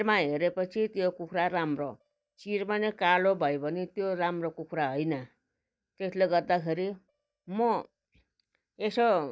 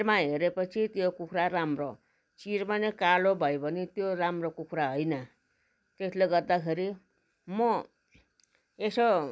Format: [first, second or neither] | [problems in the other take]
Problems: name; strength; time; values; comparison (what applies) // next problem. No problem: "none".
second | noise reduction (neural mask model DeepFilterNet 3)